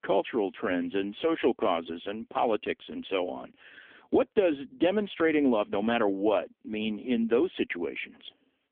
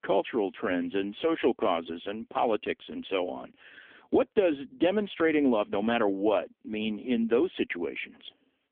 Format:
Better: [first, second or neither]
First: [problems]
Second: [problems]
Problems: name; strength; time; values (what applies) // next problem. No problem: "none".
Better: neither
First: phone-call audio; poor line; nothing above 3.5 kHz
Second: phone-call audio; poor line; nothing above 3.5 kHz